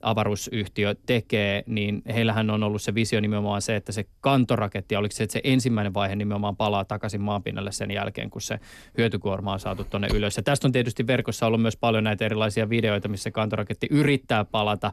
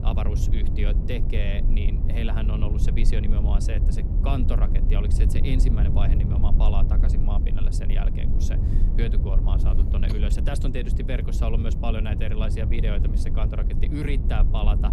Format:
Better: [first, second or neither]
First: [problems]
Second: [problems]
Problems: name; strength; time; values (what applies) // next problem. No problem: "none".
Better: first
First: none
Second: low rumble; loud; throughout; 4 dB below the speech